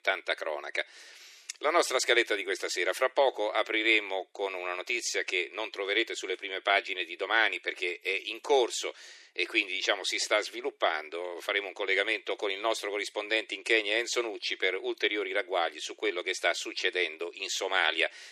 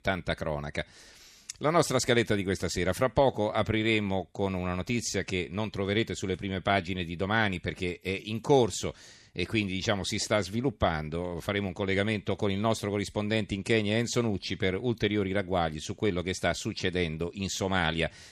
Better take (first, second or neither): second